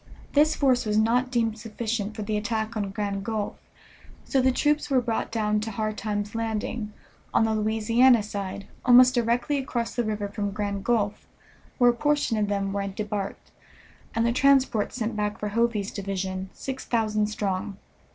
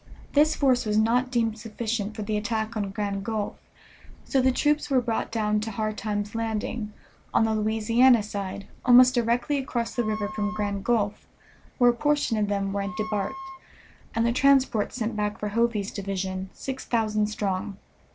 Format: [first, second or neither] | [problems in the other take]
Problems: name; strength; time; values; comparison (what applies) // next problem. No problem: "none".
first | background sound (Wind instrument, woodwind instrument); 14 dB below the speech